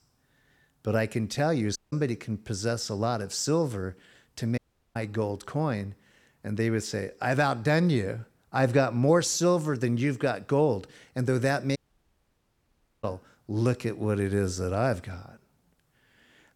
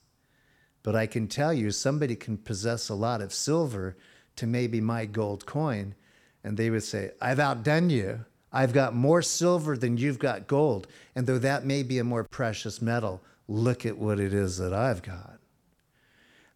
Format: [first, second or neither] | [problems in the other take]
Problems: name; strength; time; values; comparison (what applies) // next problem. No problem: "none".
second | audio cutting out; at 2 s, at 4.5 s and at 12 s for 1.5 s